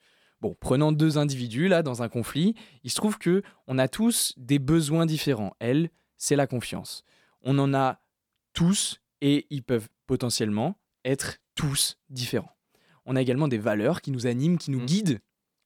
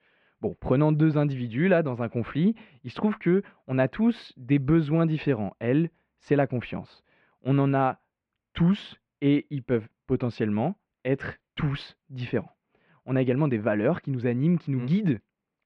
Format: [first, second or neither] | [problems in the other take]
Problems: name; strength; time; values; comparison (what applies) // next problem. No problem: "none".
first | muffled; very; fading above 2.5 kHz